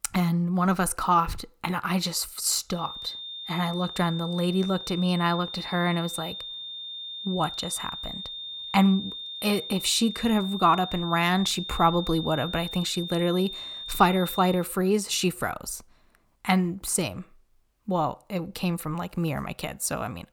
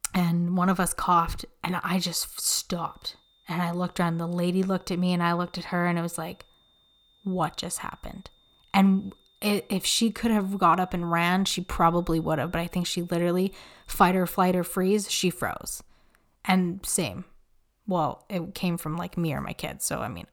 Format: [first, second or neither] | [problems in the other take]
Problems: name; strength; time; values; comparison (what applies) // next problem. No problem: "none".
second | high-pitched whine; loud; from 3 to 15 s; 3.5 kHz, 9 dB below the speech; faint in the second